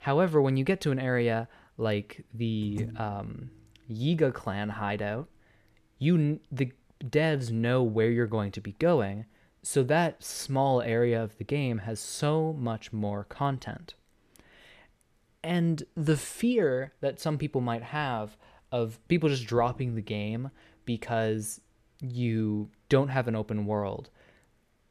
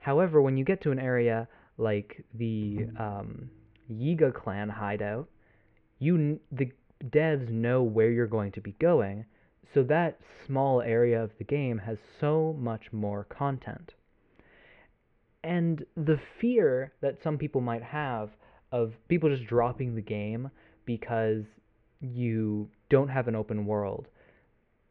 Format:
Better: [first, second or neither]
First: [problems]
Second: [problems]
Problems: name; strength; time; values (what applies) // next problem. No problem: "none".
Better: first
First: none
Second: muffled; very; fading above 2.5 kHz